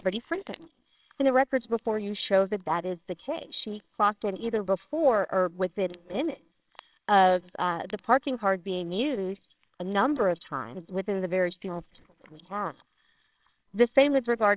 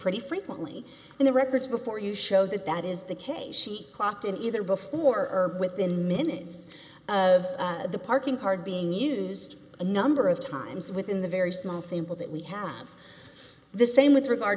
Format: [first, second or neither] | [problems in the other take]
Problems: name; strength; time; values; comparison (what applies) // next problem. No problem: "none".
second | noise reduction (neural separator model SepFormer WHAMR!)